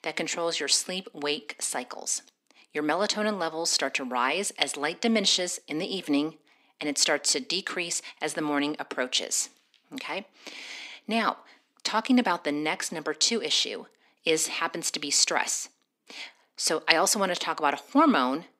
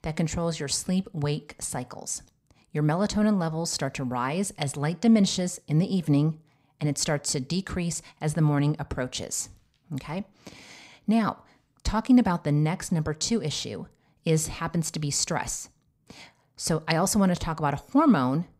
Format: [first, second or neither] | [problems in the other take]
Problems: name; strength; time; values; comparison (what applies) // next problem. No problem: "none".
second | thin; somewhat; fading below 250 Hz